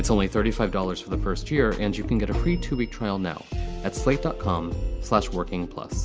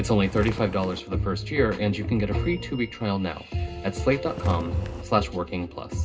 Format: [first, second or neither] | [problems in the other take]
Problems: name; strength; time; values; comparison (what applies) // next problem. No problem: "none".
first | background sound (Walk, footsteps); 12 dB below the speech // room echo; dies away in 0.2 s